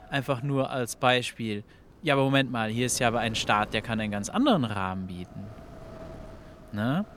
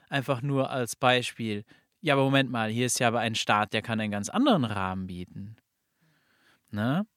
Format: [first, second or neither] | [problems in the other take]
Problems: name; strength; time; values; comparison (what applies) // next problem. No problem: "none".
second | wind noise on the microphone; occasional gusts; 25 dB below the speech